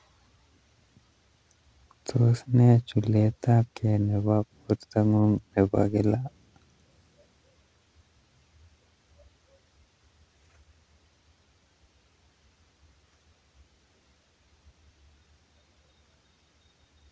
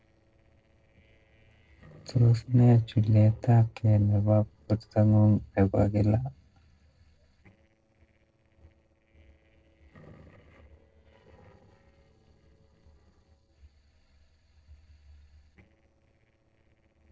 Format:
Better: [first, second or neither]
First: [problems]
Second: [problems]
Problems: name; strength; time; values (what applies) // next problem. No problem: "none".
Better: first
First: none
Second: noise reduction (neural separator model SepFormer DNS4)